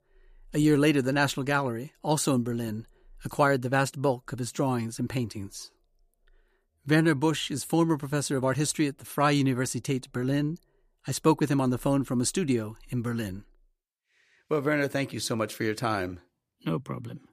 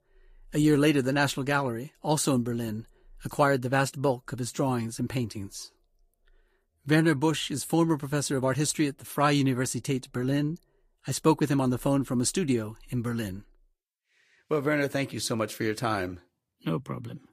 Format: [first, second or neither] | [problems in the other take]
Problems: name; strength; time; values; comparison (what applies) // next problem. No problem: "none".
first | garbled, watery; slightly; nothing above 15 kHz